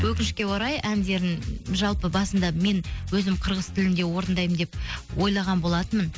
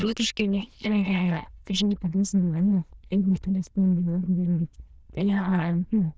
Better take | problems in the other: first | noise reduction (neural diffusion model UNIVERSE++)

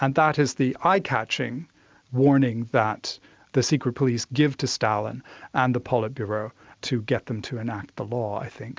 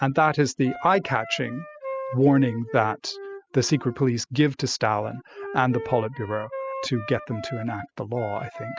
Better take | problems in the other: first | noise reduction (classical method spectral subtraction)

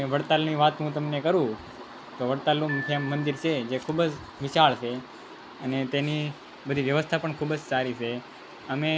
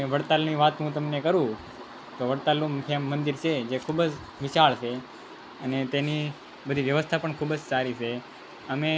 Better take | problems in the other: second | background sound (Piano); 20 dB below the speech

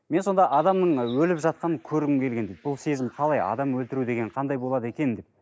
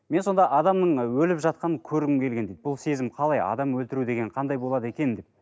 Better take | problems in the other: second | noise reduction (neural mask model Resemble Enhance denoiser)

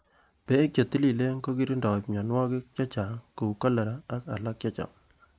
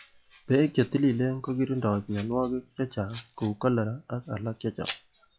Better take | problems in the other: first | noise reduction (classical method log-MMSE)

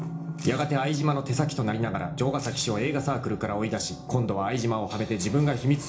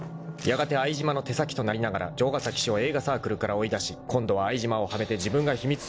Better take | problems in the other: second | room echo; dies away in 0.4 s

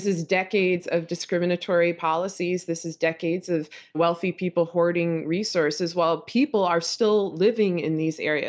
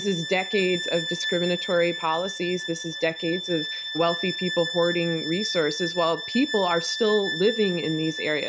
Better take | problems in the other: first | background sound (Bowed string instrument); 7 dB below the speech

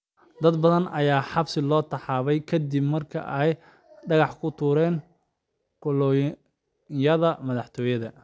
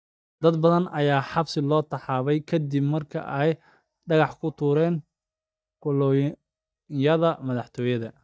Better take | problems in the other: first | noise reduction (neural mask model DeepFilterNet 3)

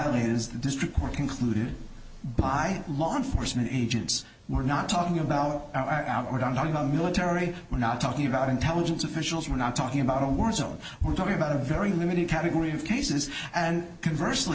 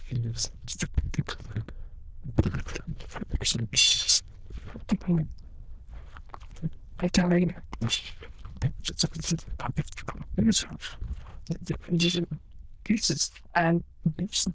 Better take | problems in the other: first | noise reduction (neural diffusion model UNIVERSE++)

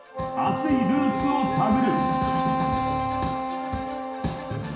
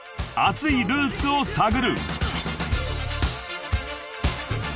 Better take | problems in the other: second | background sound (Wind instrument, woodwind instrument); as loud as the speech // room echo; dies away in 0.7 s

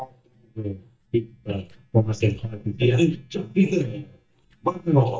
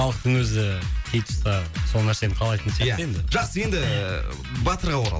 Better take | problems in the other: second | noise reduction (neural mask model DeepFilterNet 3)

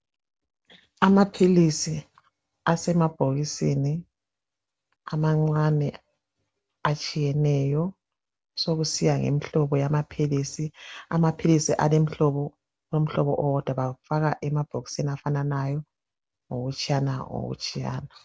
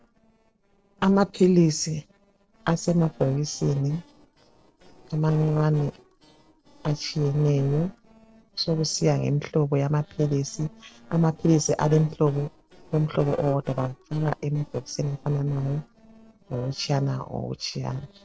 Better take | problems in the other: first | noise reduction (neural separator model SepFormer DNS4)

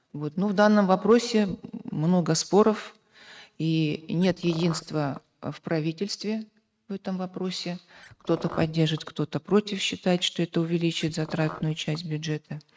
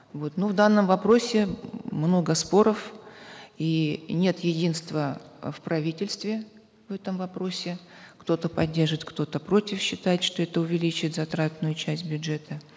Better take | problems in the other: second | noise reduction (neural mask model RNNoise)

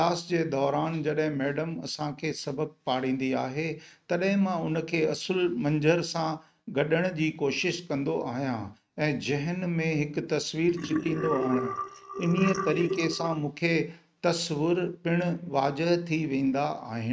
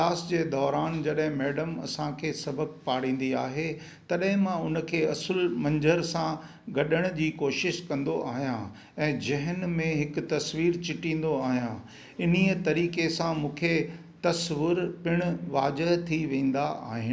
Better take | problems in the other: second | noise reduction (neural mask model RNNoise)

